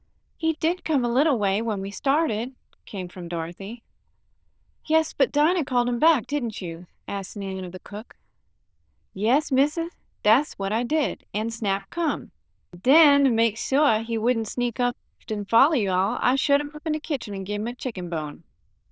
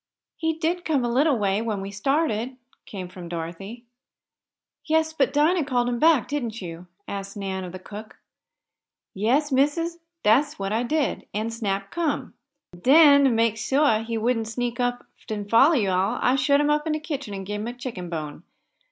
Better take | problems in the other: second | noise reduction (neural diffusion model UNIVERSE++)

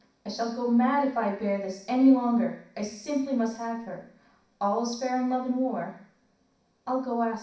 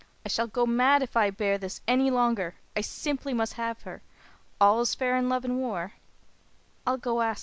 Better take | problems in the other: second | room echo; dies away in 0.6 s

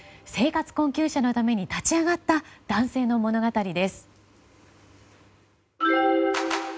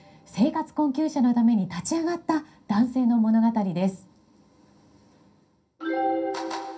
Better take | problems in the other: first | room echo; dies away in 0.3 s

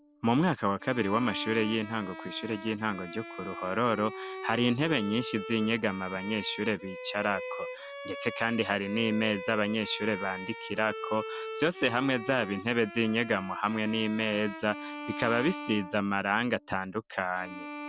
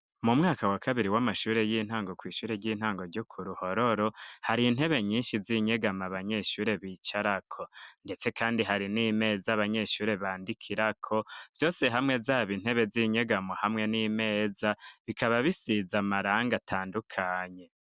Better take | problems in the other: second | background sound (Bowed string instrument); 11 dB below the speech

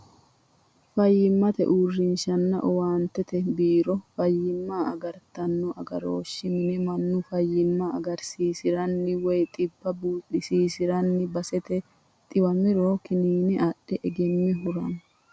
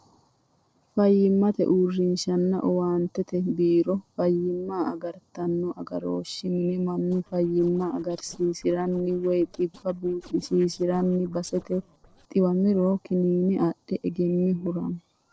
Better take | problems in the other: first | noise reduction (neural separator model SepFormer DNS4)

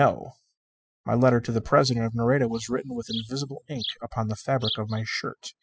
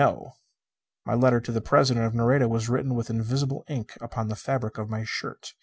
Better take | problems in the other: second | noise reduction (classical method spectral subtraction)

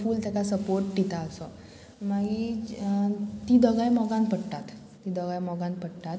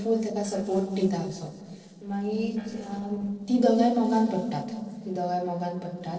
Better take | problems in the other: first | noise reduction (neural separator model SepFormer DNS4)

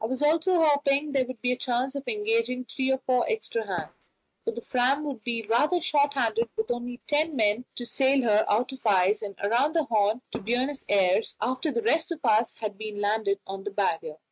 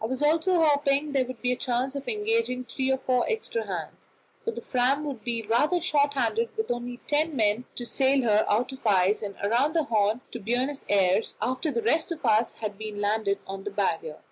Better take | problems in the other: second | noise reduction (neural mask model RNNoise)

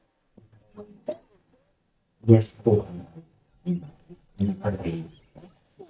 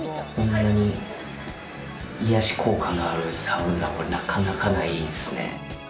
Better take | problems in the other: second | noise reduction (neural mask model DeepFilterNet 3)

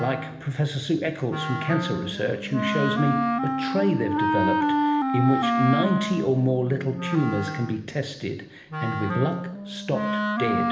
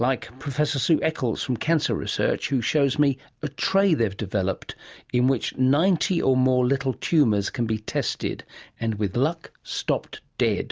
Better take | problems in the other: second | background sound (Wind instrument, woodwind instrument); 1 dB below the speech // room echo; dies away in 1.1 s

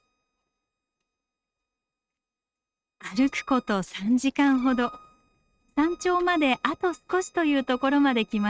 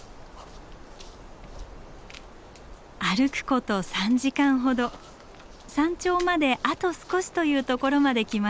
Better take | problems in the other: second | noise reduction (neural mask model RNNoise)

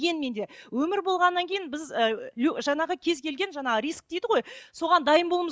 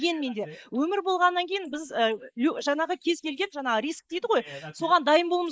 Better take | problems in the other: first | noise reduction (neural mask model Resemble Enhance denoiser)

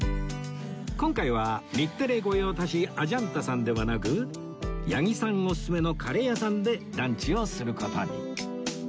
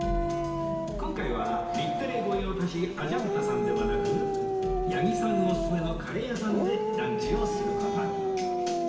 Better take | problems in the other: first | background sound (Dog); 1 dB above the speech // room echo; dies away in 2.5 s

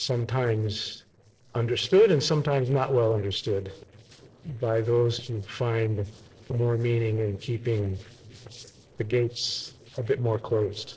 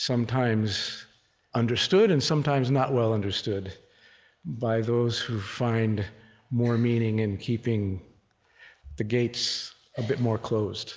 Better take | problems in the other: second | noise reduction (neural separator model SepFormer DNS4)

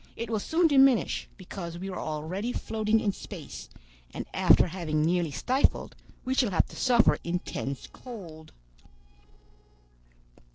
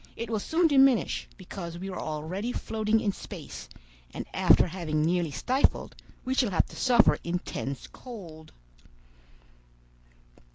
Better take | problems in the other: second | noise reduction (neural separator model SepFormer DNS4)

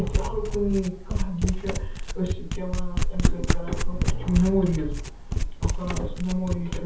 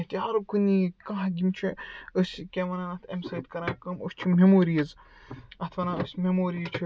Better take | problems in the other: second | background sound (Domestic sounds, home sounds); 3 dB above the speech // room echo; dies away in 0.5 s

